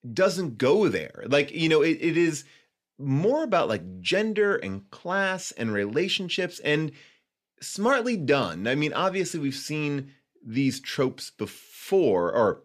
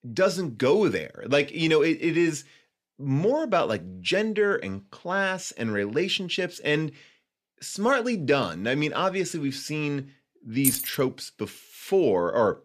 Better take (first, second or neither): first